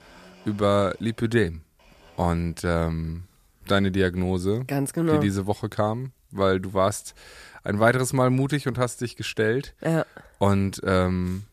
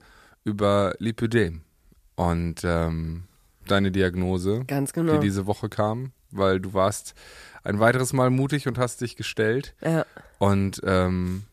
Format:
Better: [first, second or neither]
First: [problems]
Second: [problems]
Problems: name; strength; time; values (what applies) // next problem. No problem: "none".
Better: second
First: household noises; faint; throughout; 30 dB below the speech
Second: none